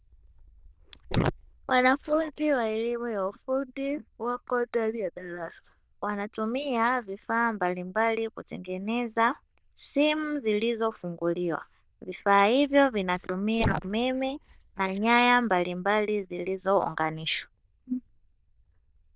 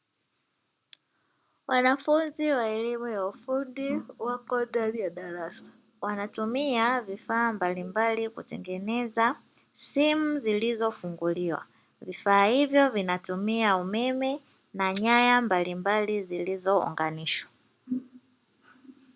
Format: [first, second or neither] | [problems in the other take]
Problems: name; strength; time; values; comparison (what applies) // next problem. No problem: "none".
second | noise reduction (neural diffusion model UNIVERSE++)